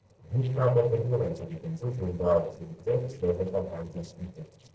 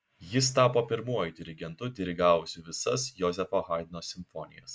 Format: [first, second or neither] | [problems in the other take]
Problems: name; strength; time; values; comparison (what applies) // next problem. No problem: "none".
second | noise reduction (neural separator model SepFormer DNS4)